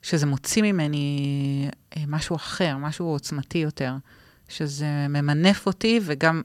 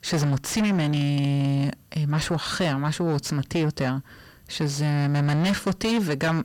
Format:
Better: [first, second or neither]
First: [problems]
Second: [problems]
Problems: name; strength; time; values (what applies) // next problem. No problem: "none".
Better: first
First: none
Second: distortion; heavy; 7 dB below the speech